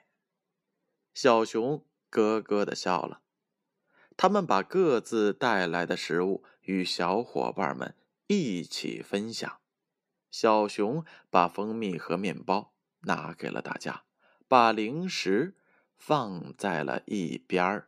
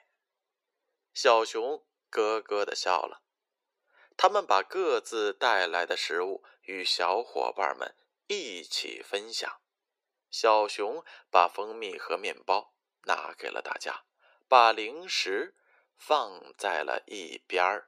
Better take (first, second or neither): first